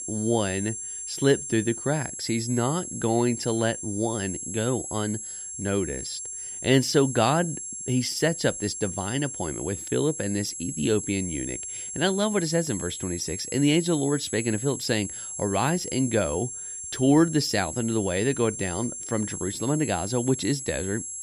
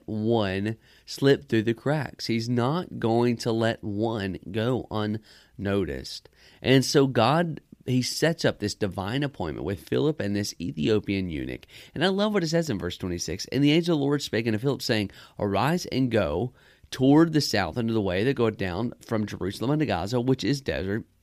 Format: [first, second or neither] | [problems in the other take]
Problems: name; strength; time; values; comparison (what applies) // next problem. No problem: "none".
second | high-pitched whine; loud; throughout; 7.5 kHz, 7 dB below the speech